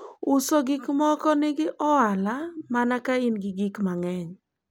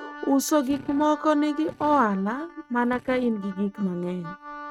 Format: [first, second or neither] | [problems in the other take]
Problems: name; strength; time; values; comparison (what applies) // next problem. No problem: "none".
first | noise reduction (neural mask model RNNoise)